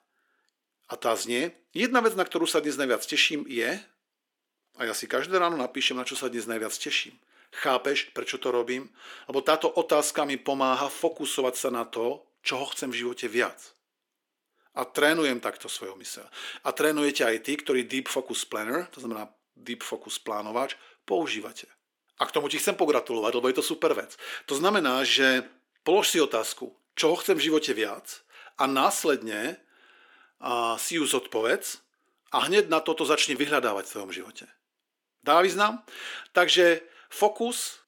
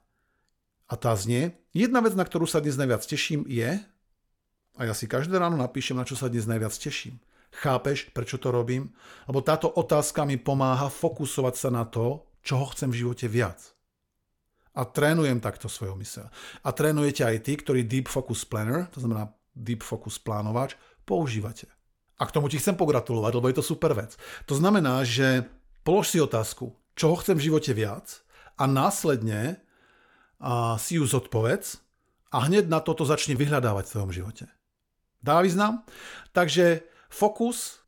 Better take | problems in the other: second | thin; somewhat; fading below 300 Hz

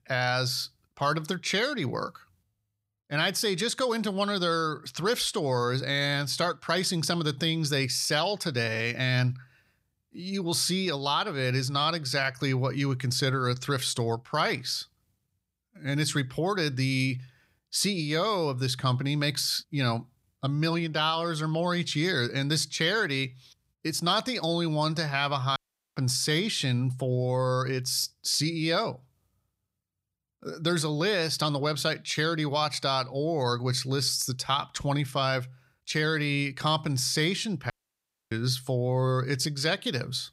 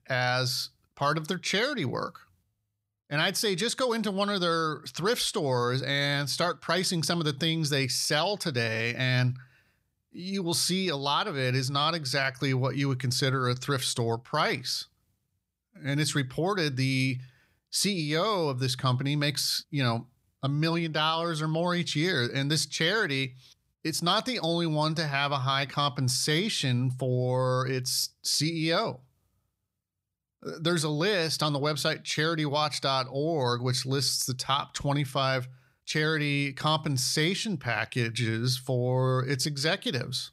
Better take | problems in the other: second | audio cutting out; at 26 s and at 38 s for 0.5 s

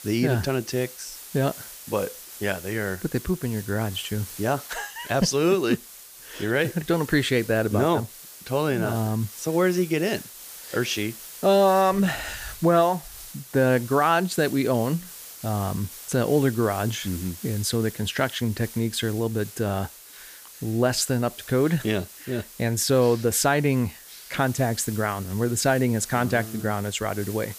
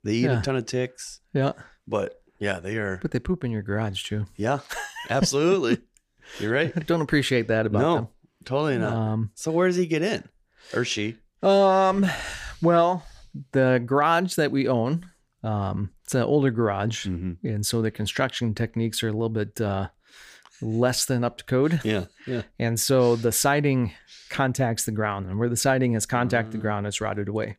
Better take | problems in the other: second | hiss; noticeable; throughout; 15 dB below the speech

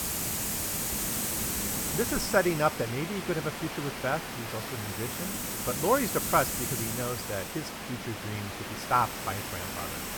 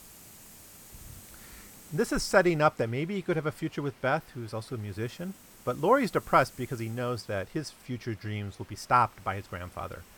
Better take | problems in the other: second | hiss; loud; throughout; 1 dB below the speech; faint in the second

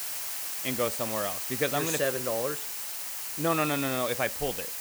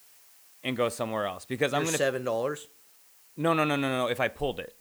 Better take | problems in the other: second | hiss; loud; throughout; 2 dB below the speech; faint in the second

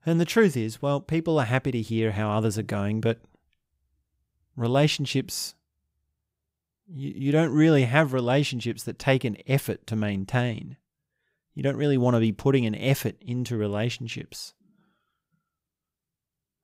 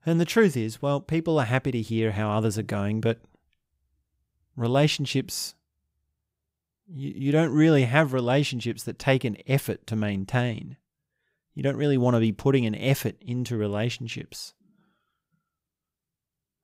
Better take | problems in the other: neither | none

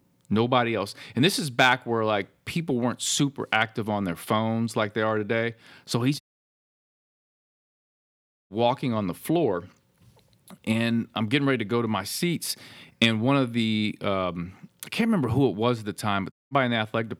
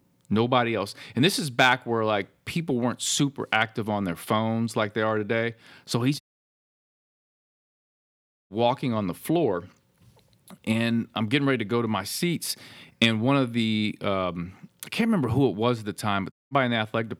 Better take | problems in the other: neither | audio cutting out; at 6 s for 2.5 s and at 16 s; the same in both

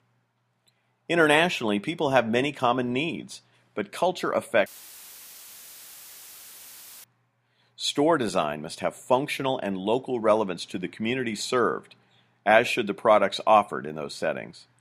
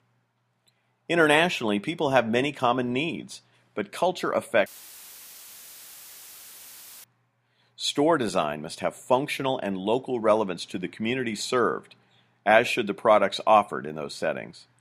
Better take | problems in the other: neither | audio cutting out; filled with static; at 4.5 s for 2.5 s; the same in both

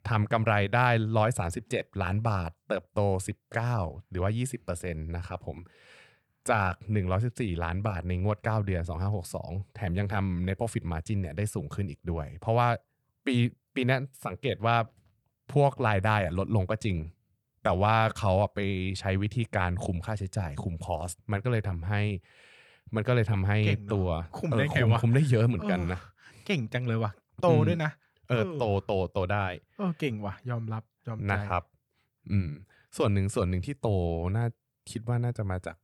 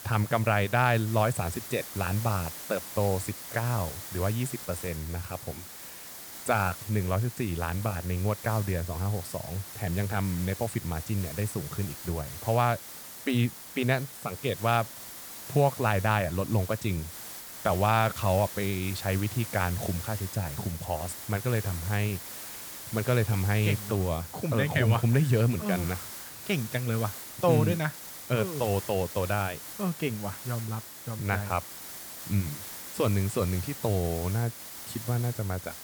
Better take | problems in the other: first | hiss; loud; throughout; 10 dB below the speech

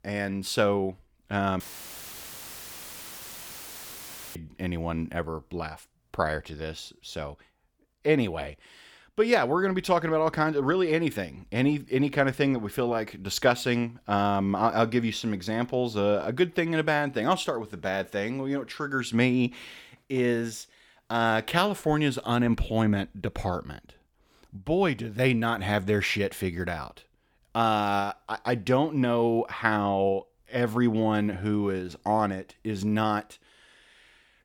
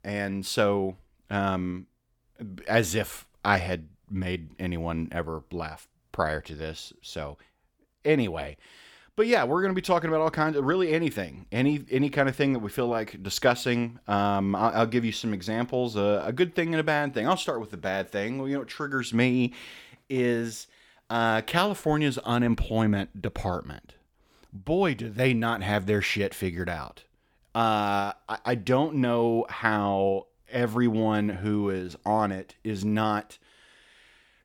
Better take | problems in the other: second | audio cutting out; filled with static; at 1.5 s for 2.5 s

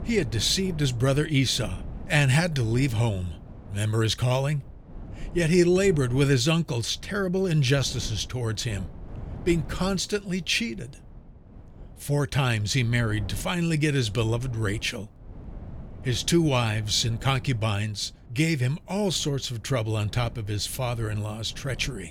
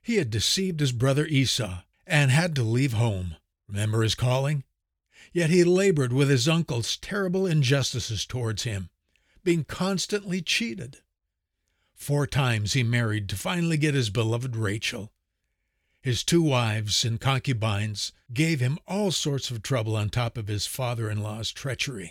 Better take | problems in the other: second | wind noise on the microphone; occasional gusts; 25 dB below the speech

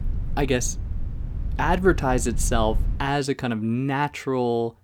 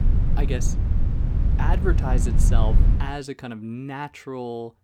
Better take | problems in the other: first | low rumble; loud; until 3 s; 5 dB below the speech; faint in the first

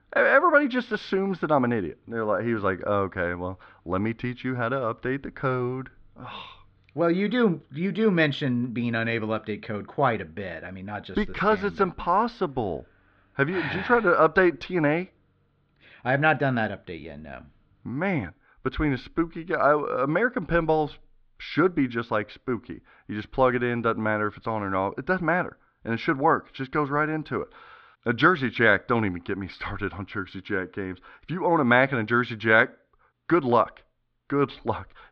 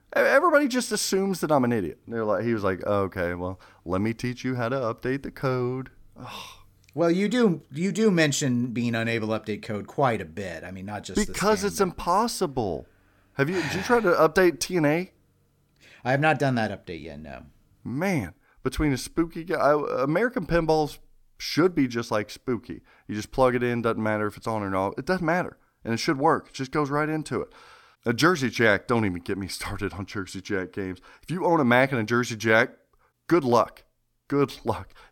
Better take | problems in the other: second | muffled; very; fading above 3.5 kHz

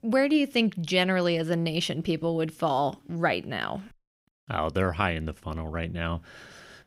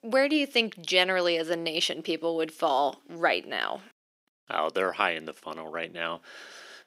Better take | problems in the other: first | thin; somewhat; fading below 350 Hz

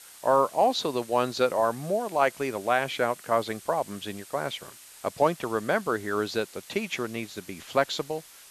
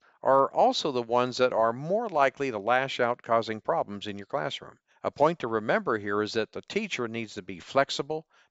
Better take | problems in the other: second | hiss; noticeable; throughout; 20 dB below the speech

